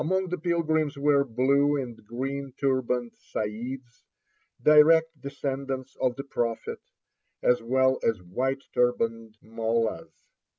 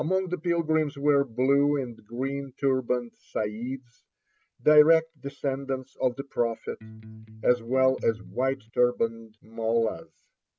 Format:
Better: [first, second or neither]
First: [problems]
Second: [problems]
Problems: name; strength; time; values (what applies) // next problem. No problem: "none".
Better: first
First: none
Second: background sound (Electric guitar); 17 dB below the speech